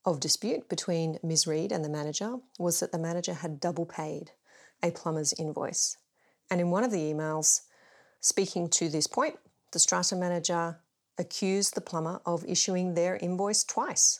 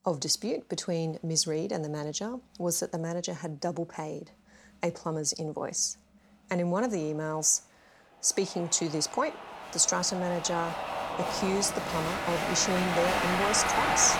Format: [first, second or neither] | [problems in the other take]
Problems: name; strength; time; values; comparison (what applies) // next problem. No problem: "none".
first | crowd noise; loud; throughout; 2 dB below the speech